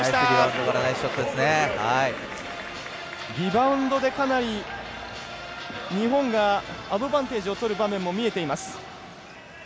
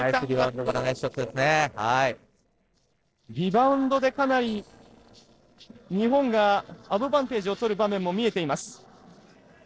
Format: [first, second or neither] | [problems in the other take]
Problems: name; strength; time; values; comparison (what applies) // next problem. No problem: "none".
first | noise reduction (neural separator model SepFormer DNS4)